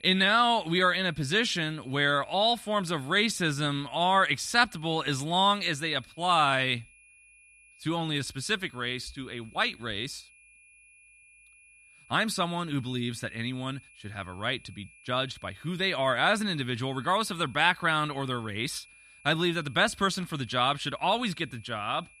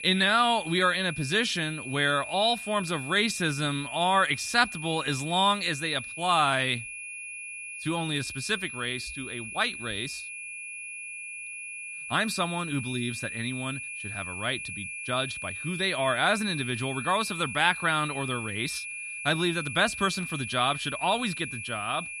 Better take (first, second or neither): first